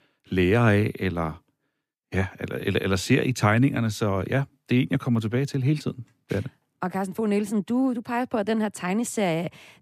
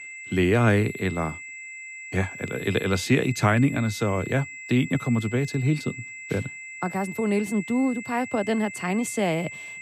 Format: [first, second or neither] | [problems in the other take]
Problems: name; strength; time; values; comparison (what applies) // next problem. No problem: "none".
first | high-pitched whine; noticeable; throughout; 2 kHz, 10 dB below the speech